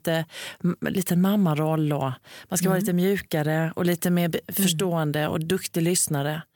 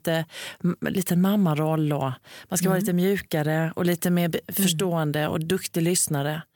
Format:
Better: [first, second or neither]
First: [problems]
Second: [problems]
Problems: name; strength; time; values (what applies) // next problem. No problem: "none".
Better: neither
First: none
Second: none